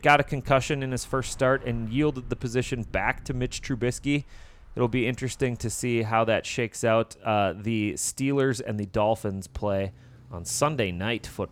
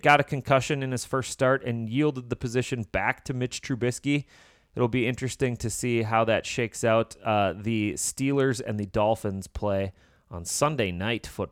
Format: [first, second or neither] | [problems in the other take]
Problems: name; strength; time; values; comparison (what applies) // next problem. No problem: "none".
second | traffic noise; faint; throughout; 20 dB below the speech